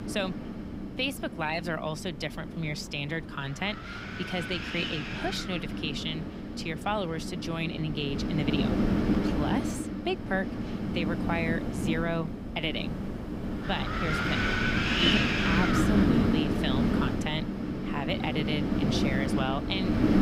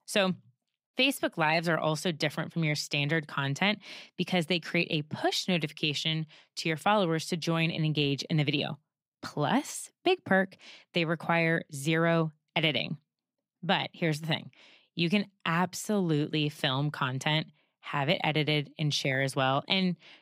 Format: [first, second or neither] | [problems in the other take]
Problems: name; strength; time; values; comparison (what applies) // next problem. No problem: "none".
second | wind noise on the microphone; heavy; 2 dB above the speech